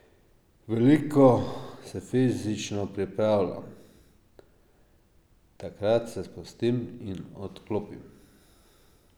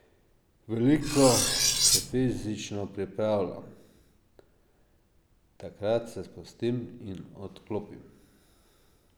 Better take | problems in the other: first | background sound (Cutlery, silverware); 4 dB above the speech

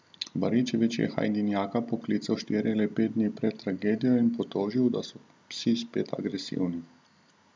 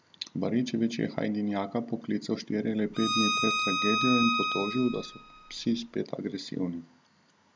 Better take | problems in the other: first | background sound (Bowed string instrument); as loud as the speech

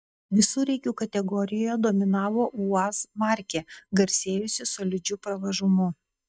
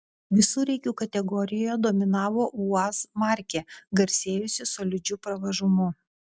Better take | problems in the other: second | noise reduction (neural mask model DeepFilterNet 3)

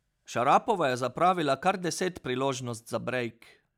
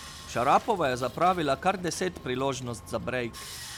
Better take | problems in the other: first | background sound (Sawing); 16 dB below the speech

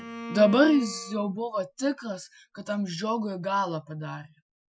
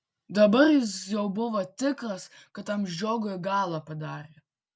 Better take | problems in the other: second | noise reduction (classical method Wiener filter)

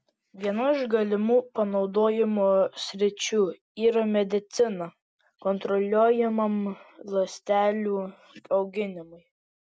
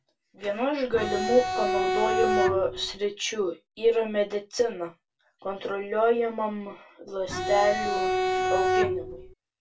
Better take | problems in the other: first | background sound (Bowed string instrument); 2 dB above the speech // room echo; dies away in 0.2 s

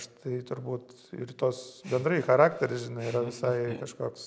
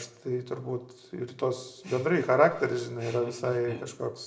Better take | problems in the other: first | room echo; dies away in 0.4 s

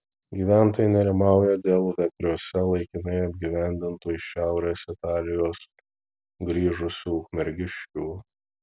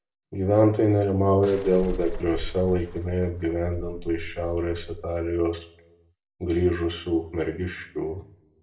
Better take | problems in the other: first | background sound (Bus / Engine); 10 dB below the speech // room echo; dies away in 0.5 s

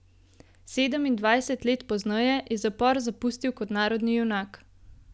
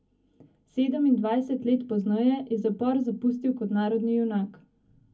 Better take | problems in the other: first | room echo; dies away in 0.3 s

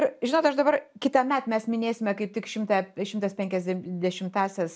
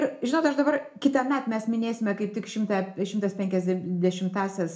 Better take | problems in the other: first | room echo; dies away in 0.4 s

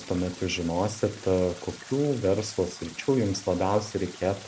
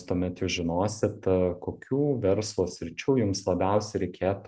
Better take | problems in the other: second | background sound (Stream); 18 dB below the speech

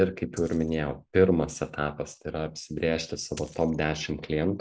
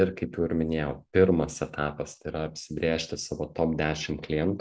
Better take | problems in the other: second | noise reduction (neural mask model Resemble Enhance denoiser)

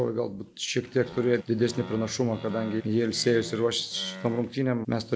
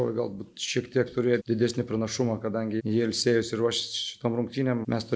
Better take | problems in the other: second | background sound (Animal); 16 dB below the speech

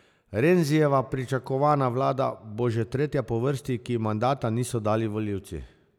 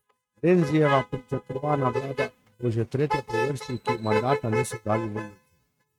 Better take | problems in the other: first | noise reduction (neural mask model RNNoise)

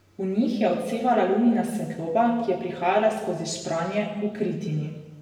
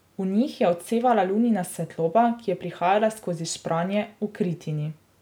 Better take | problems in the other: second | room echo; dies away in 1.1 s

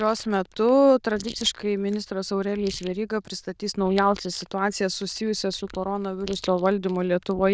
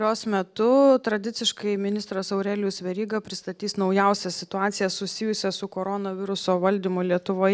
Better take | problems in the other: second | noise reduction (neural diffusion model UNIVERSE++)

